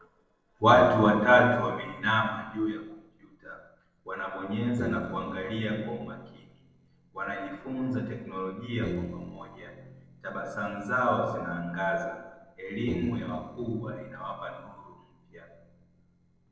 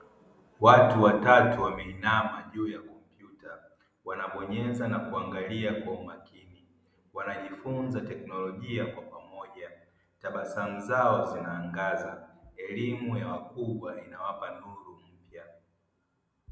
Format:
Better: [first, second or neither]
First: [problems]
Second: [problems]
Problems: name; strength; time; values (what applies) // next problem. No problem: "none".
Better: second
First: noise reduction (neural separator model SepFormer DNS4)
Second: none